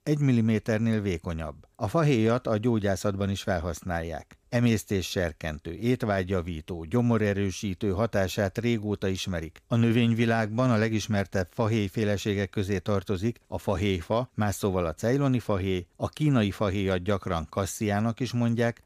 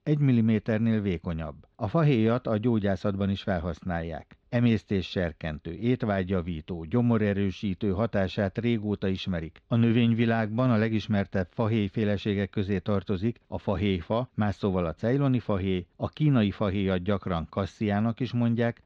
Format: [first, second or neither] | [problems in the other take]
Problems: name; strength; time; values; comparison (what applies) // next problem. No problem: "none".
first | muffled; slightly; fading above 4 kHz